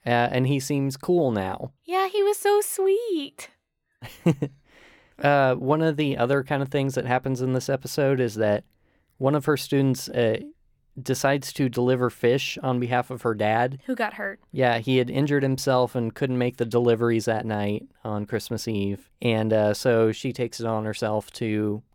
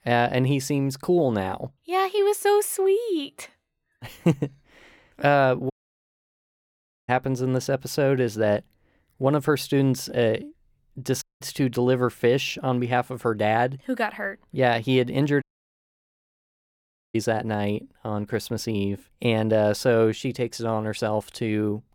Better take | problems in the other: first | audio cutting out; at 5.5 s for 1.5 s, at 11 s and at 15 s for 1.5 s

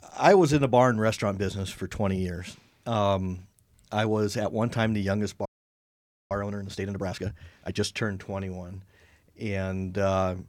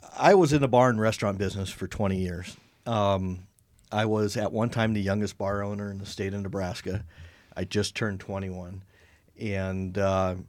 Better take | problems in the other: second | audio freezing; at 5.5 s for 1 s

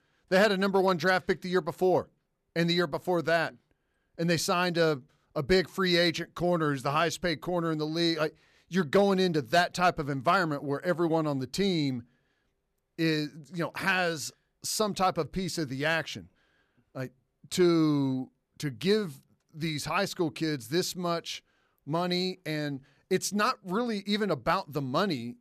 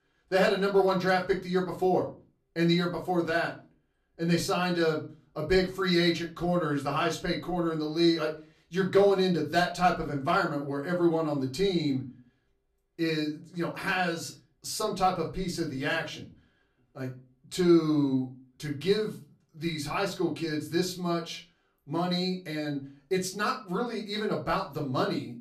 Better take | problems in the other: first | off-mic speech; far // room echo; very slight; dies away in 0.3 s

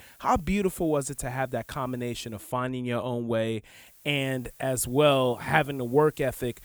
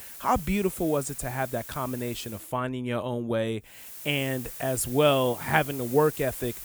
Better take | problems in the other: first | hiss; loud; until 2.5 s and from 4 s on; 9 dB below the speech; faint in the first

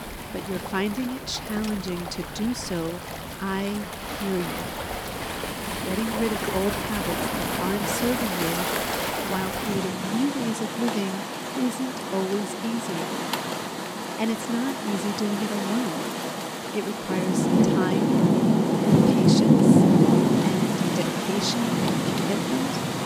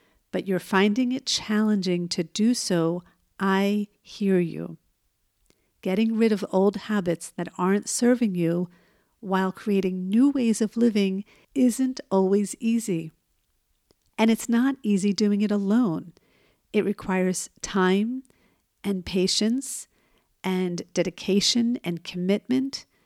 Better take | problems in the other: second | rain or running water; very loud; throughout; 5 dB above the speech

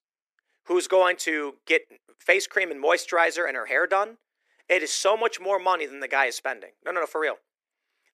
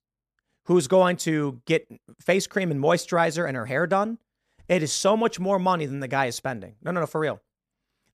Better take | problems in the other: second | thin; very; fading below 350 Hz

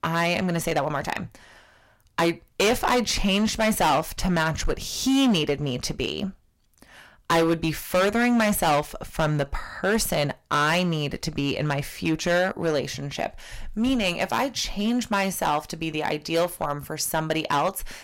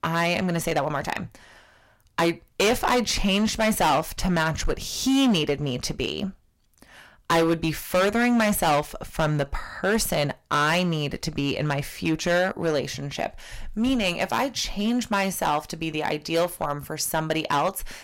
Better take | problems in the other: neither | distortion; heavy; 9% of the sound clipped; the same in both

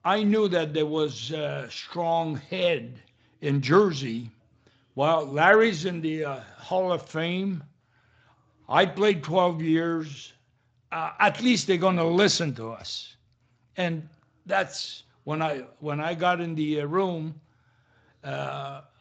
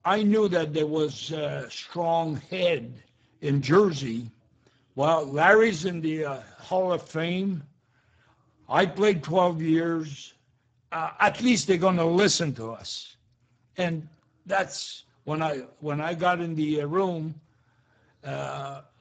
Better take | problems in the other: first | garbled, watery; badly; nothing above 7.5 kHz; slightly in the first

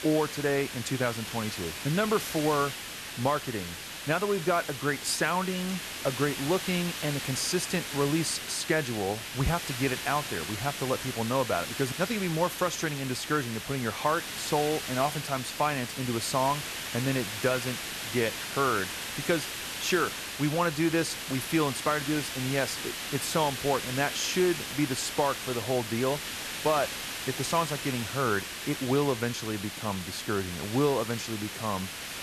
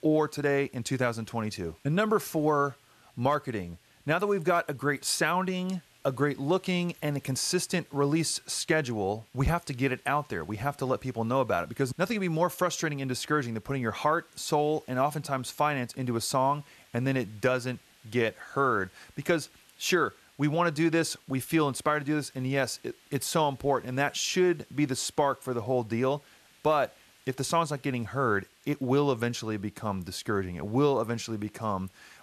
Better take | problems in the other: second | hiss; loud; throughout; 5 dB below the speech; faint in the second

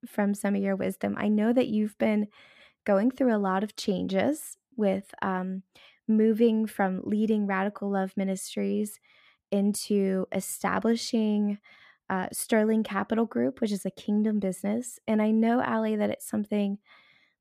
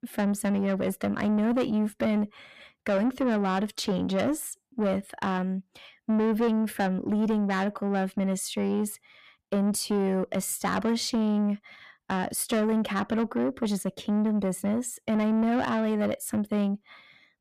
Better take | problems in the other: first | distortion; slight; 10 dB below the speech

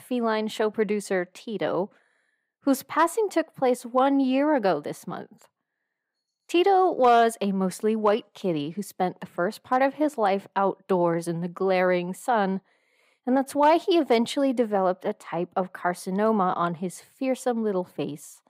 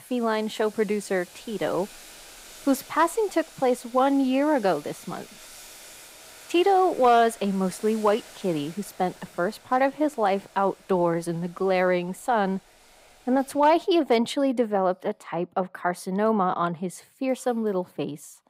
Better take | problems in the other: first | household noises; faint; throughout; 20 dB below the speech

